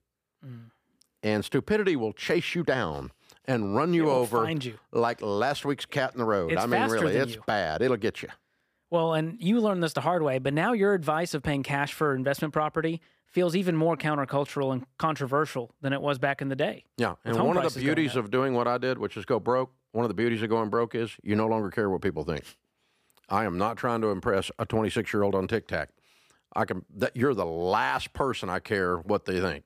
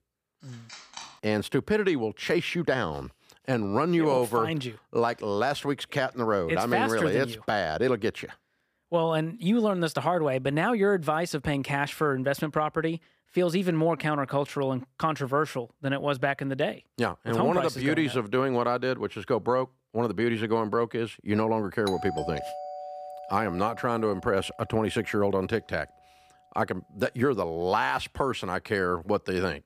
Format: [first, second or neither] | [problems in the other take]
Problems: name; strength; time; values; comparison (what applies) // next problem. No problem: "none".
first | phone ringing; faint; at 0.5 s; peak 15 dB below the speech // doorbell; noticeable; from 22 to 24 s; peak 8 dB below the speech